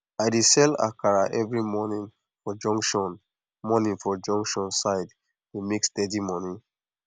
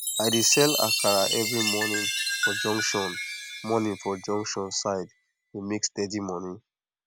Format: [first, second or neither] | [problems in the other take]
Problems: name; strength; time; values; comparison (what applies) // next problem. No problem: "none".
first | background sound (Chime); 3 dB below the speech